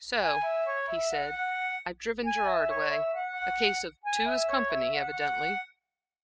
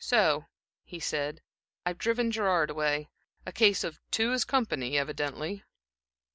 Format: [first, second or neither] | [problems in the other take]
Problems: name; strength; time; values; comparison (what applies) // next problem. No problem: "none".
second | noise reduction (classical method spectral subtraction)